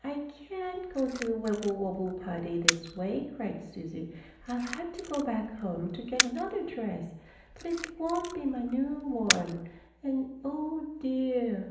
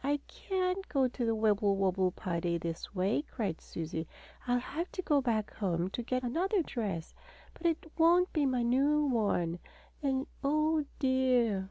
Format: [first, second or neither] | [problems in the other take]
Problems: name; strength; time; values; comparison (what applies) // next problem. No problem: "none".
second | background sound (Camera); 3 dB below the speech // room echo; dies away in 0.8 s